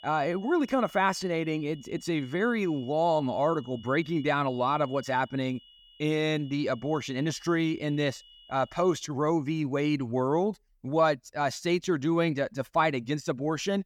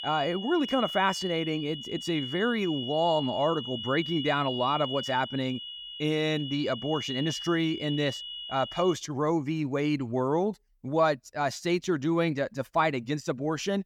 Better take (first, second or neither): first